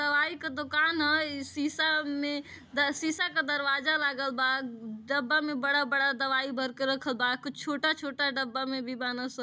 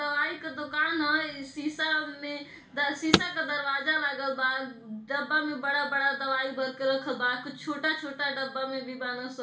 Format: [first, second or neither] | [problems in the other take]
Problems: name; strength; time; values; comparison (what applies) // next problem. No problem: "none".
first | background sound (Car); 4 dB below the speech // room echo; dies away in 0.5 s